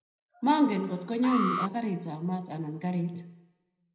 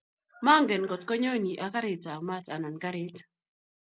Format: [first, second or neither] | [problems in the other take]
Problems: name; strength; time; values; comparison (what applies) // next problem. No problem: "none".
second | background sound (Alarm); 6 dB below the speech // room echo; dies away in 0.8 s